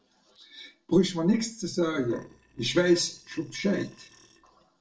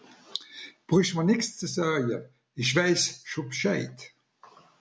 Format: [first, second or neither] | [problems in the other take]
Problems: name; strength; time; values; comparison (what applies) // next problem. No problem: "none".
second | noise reduction (neural separator model SepFormer DNS4)